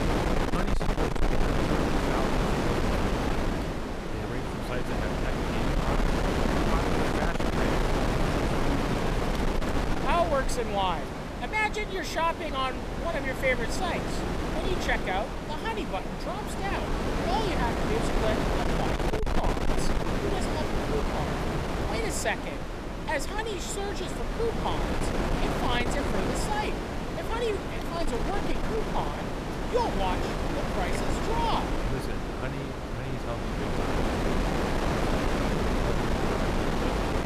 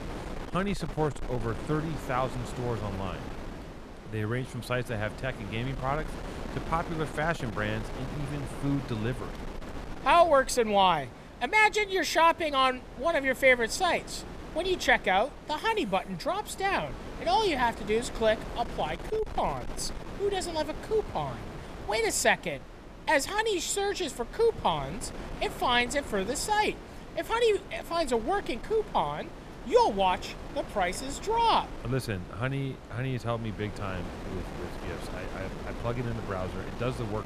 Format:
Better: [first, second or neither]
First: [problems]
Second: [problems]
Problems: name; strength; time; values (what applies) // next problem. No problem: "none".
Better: second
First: wind noise on the microphone; heavy; 1 dB above the speech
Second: wind noise on the microphone; occasional gusts; 15 dB below the speech